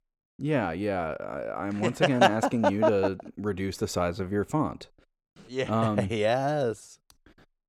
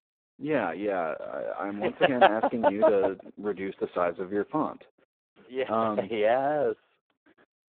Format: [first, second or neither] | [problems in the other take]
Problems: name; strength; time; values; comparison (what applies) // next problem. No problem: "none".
first | phone-call audio; poor line